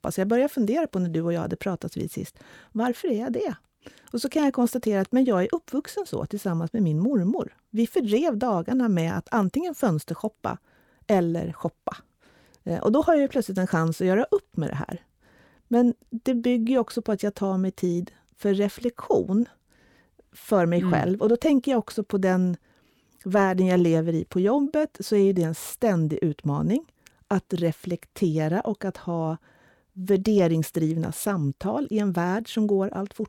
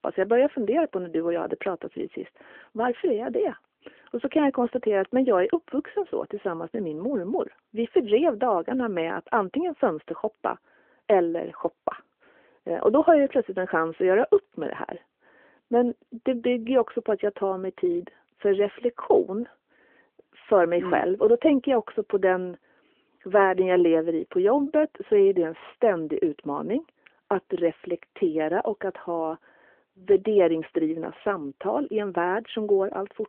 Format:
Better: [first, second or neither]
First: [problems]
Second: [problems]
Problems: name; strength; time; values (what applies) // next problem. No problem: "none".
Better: first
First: none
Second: phone-call audio